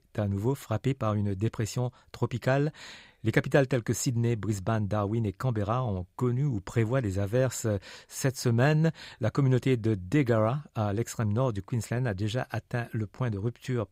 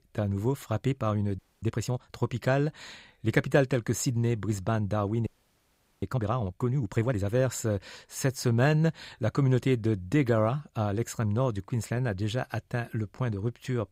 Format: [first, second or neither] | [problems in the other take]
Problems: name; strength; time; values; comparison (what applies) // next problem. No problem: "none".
first | audio freezing; at 1.5 s and at 5.5 s for 1 s